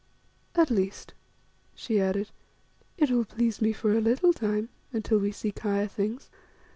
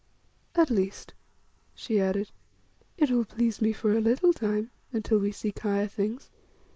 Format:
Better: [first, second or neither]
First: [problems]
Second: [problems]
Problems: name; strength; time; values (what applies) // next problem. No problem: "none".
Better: first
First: none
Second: noise reduction (neural mask model Resemble Enhance denoiser)